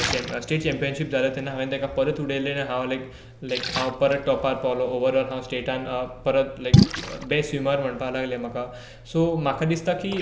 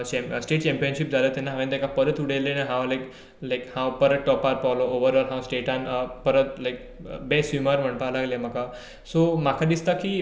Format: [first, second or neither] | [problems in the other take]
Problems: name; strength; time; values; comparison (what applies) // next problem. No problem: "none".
second | background sound (Splash, splatter); 4 dB below the speech